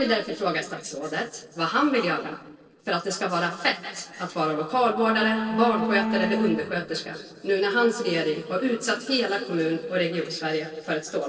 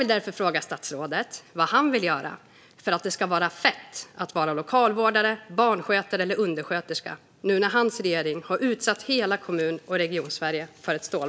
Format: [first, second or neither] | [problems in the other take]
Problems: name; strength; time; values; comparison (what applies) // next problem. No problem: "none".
second | noise reduction (neural separator model SepFormer DNS4)